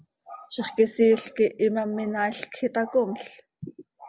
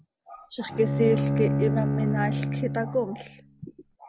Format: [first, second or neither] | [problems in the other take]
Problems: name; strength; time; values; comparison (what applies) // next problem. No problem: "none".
first | background sound (Bowed string instrument); 1 dB above the speech